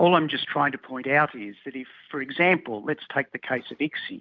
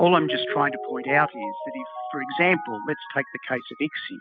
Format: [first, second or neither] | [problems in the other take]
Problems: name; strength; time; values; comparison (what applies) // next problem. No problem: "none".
first | noise reduction (classical method spectral subtraction)